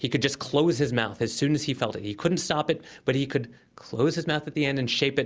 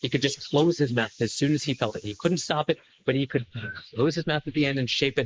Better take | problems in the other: first | noise reduction (neural mask model Resemble Enhance denoiser)

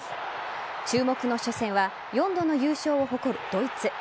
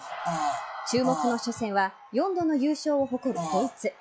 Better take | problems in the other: first | noise reduction (classical method log-MMSE)

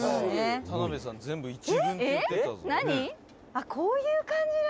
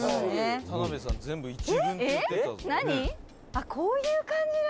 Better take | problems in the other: first | background sound (Tambourine / Drum / Drum kit); 12 dB below the speech

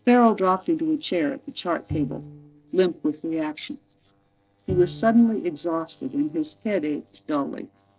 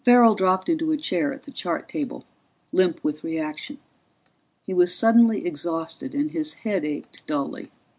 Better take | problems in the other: second | noise reduction (neural separator model SepFormer DNS4)

